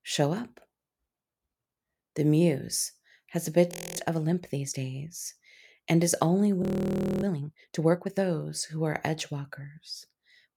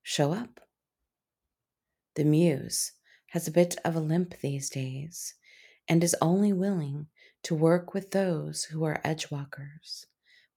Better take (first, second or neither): second